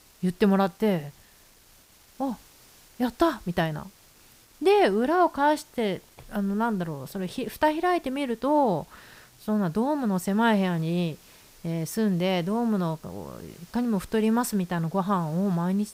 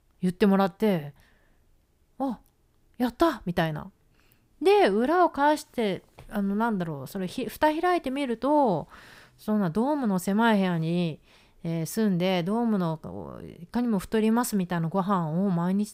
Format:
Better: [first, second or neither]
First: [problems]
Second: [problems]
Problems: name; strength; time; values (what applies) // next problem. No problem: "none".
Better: second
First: hiss; faint; throughout; 25 dB below the speech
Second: none